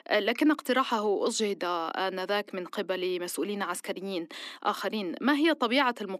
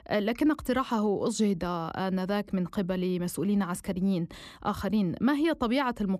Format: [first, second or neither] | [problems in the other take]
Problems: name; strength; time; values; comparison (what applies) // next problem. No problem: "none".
second | thin; somewhat; fading below 250 Hz